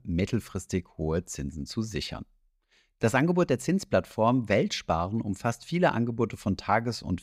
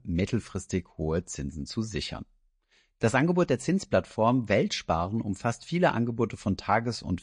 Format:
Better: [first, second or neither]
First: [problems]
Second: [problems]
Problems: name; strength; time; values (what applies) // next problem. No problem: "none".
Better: first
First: none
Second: garbled, watery; slightly; nothing above 8.5 kHz